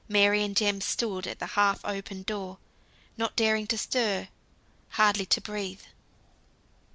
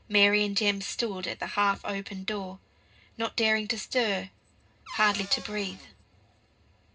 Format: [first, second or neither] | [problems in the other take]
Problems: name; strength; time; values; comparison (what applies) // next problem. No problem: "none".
first | background sound (Cupboard open or close / Door); 14 dB below the speech // room echo; dies away in 0.2 s